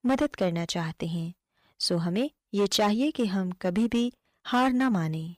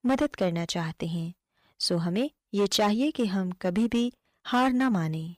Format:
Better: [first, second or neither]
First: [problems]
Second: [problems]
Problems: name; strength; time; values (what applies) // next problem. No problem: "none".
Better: neither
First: distortion; slight; 6% of the sound clipped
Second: distortion; slight; 6% of the sound clipped